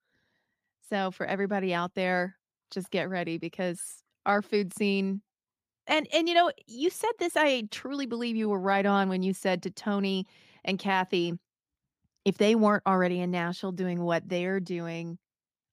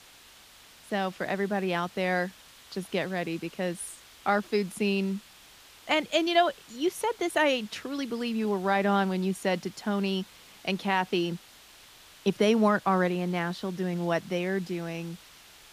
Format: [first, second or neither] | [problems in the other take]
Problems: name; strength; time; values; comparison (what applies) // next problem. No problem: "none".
first | hiss; faint; throughout; 20 dB below the speech